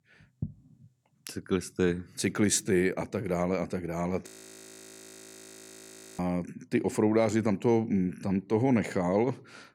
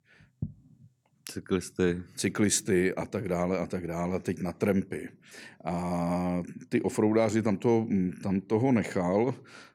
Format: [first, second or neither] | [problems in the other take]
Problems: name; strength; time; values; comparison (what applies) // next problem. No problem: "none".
second | audio freezing; at 4.5 s for 2 s